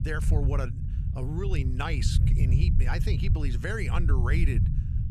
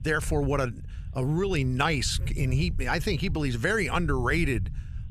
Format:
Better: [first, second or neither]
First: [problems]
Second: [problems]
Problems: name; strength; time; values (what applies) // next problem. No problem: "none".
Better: second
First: low rumble; loud; throughout; 6 dB below the speech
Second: low rumble; faint; throughout; 25 dB below the speech